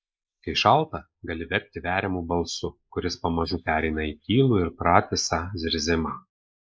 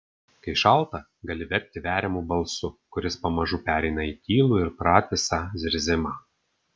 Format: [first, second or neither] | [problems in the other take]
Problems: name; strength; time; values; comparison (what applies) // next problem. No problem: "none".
second | noise reduction (neural mask model Resemble Enhance denoiser)